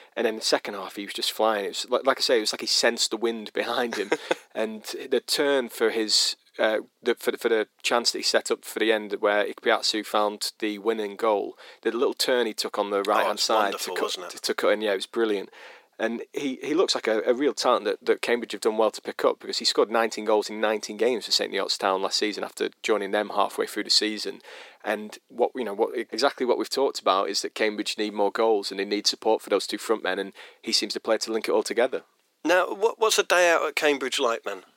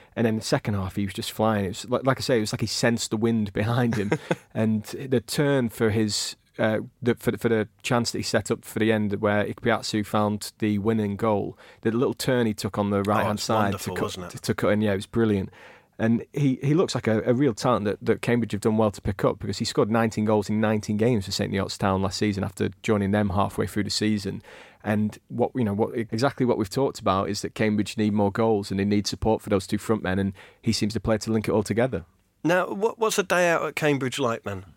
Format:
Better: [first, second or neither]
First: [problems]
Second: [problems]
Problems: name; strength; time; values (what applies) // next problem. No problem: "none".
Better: second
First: thin; somewhat; fading below 350 Hz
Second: none